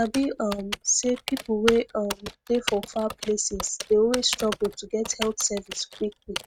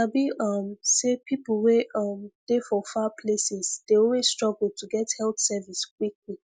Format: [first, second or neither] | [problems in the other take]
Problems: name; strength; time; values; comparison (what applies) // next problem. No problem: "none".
second | noise reduction (neural mask model RNNoise)